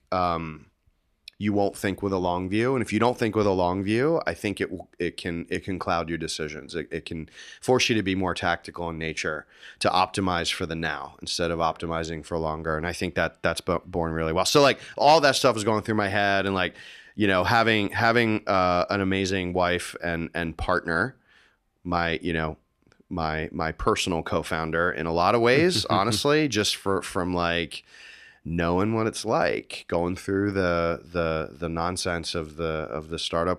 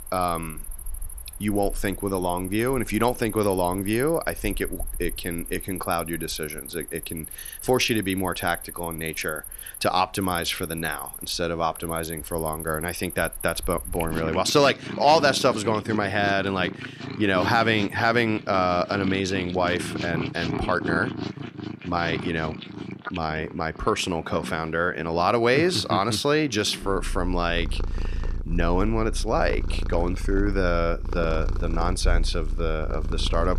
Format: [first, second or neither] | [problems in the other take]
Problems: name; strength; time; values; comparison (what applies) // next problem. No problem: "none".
first | animal sounds; loud; throughout; 9 dB below the speech